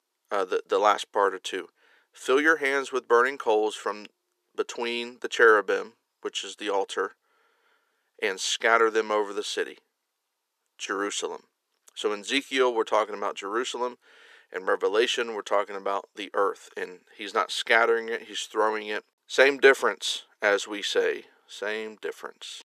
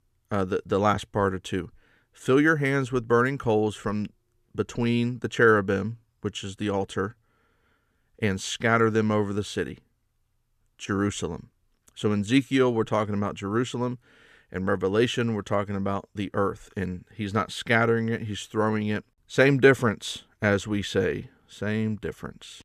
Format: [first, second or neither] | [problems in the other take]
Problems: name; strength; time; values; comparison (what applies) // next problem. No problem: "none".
second | thin; very; fading below 400 Hz